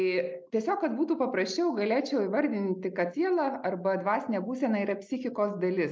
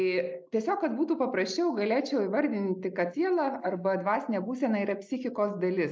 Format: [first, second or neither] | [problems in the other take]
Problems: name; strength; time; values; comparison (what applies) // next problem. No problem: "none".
first | noise reduction (neural mask model Resemble Enhance denoiser)